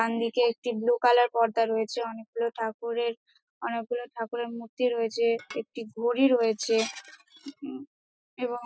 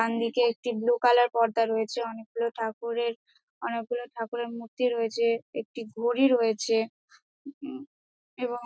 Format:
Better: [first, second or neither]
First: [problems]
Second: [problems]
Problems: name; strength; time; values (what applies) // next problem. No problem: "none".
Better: second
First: noise reduction (classical method spectral subtraction)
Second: none